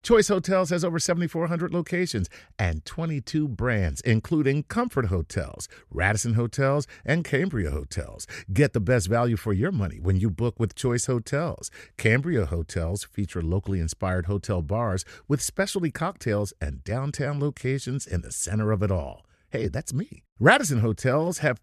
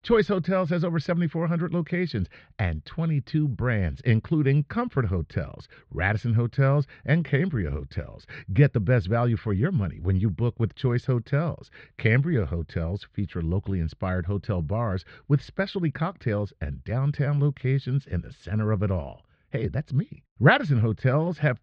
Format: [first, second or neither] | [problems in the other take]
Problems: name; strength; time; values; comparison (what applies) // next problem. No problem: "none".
first | muffled; slightly; fading above 4 kHz